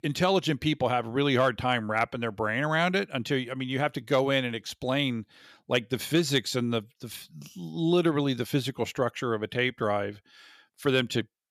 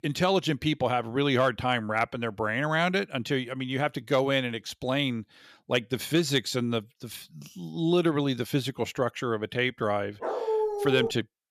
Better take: first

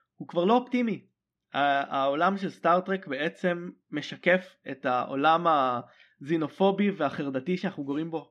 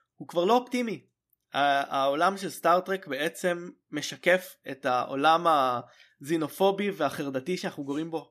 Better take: second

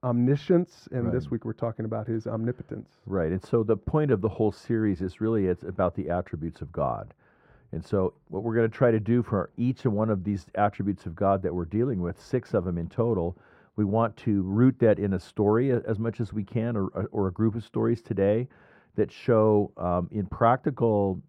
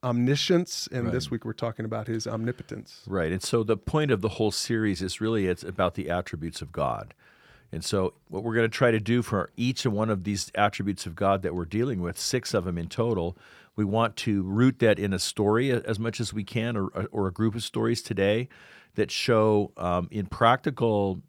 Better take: second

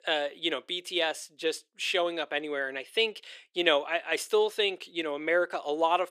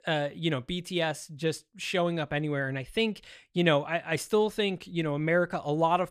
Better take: second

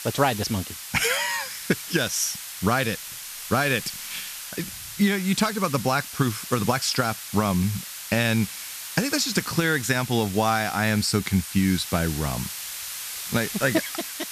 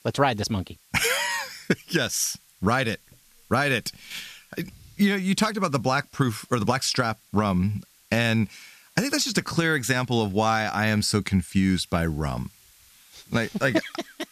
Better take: second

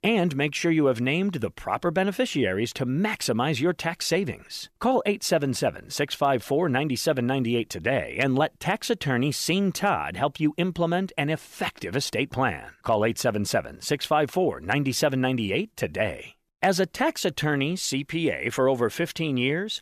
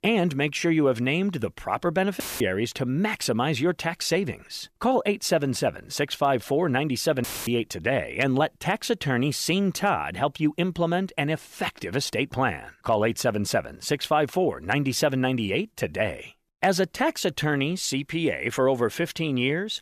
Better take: first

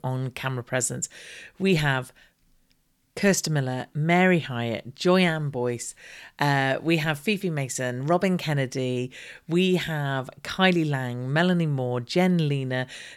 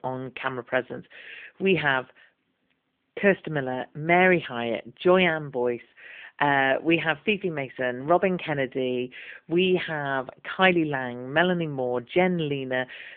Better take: first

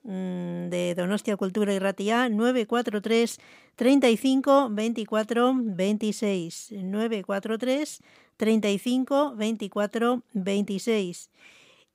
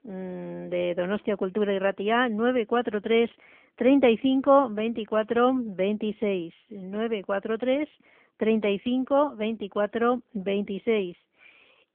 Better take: first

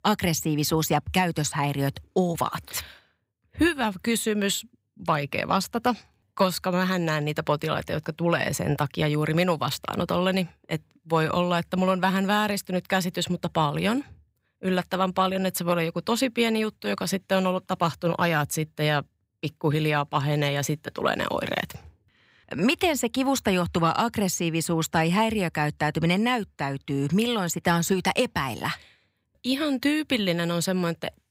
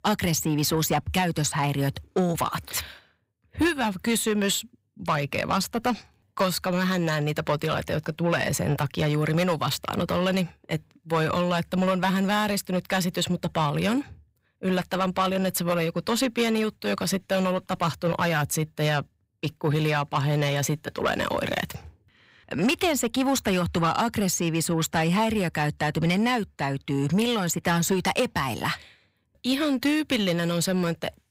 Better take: first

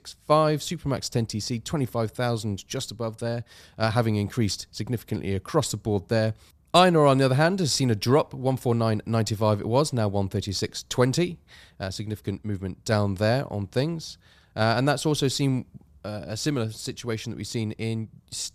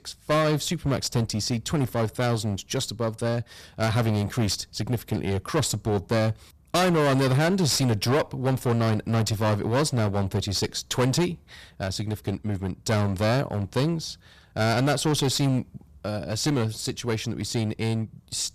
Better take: first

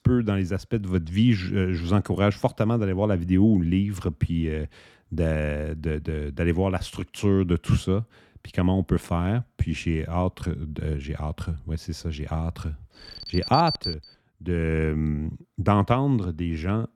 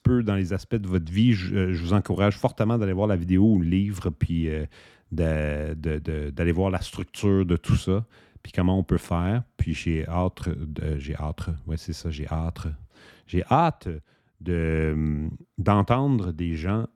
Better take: second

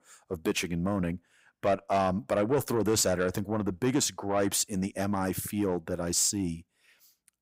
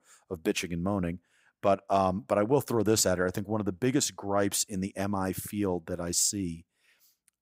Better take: second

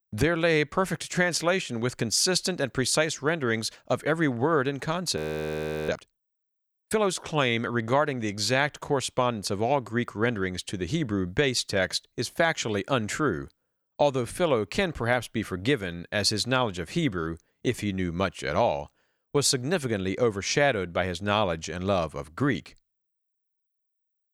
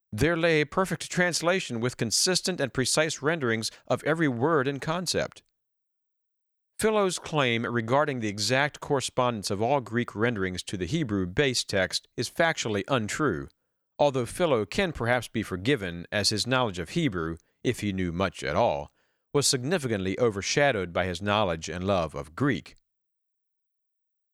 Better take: second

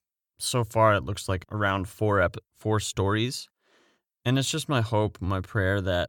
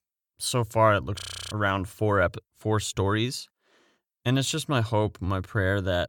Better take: first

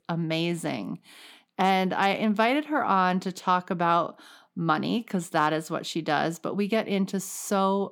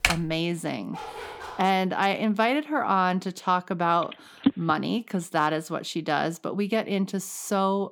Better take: first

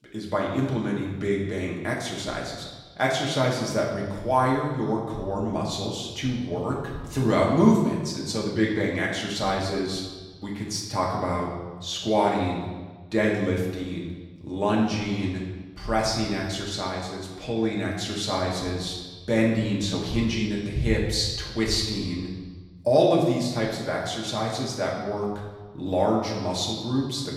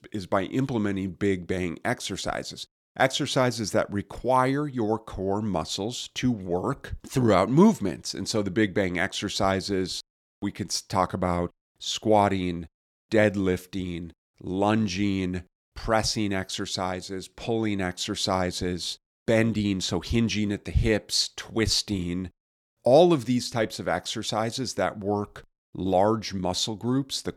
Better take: second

